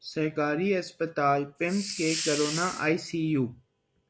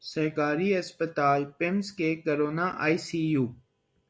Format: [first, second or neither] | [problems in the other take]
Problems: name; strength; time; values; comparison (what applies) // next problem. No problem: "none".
second | background sound (Hiss); 6 dB below the speech